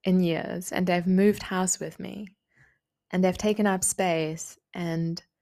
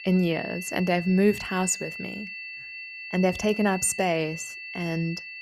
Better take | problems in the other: first | high-pitched whine; loud; throughout; 2.5 kHz, 10 dB below the speech

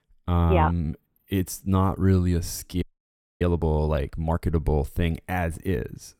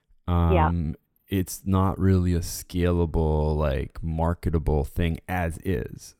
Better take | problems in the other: second | audio freezing; at 3 s for 0.5 s

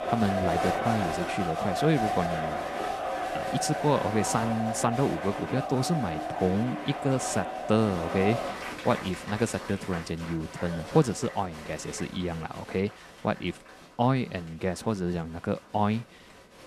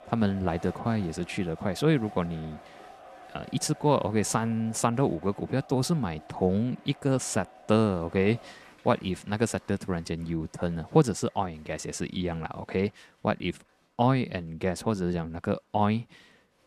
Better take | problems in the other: second | crowd noise; loud; throughout; 4 dB below the speech; faint in the second

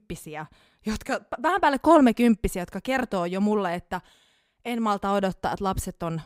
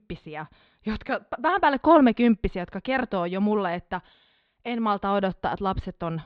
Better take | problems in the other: first | muffled; slightly; fading above 4 kHz

